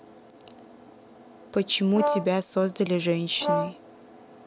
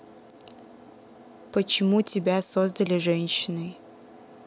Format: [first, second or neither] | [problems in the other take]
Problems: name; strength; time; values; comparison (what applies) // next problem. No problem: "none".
second | background sound (Brass instrument); 2 dB below the speech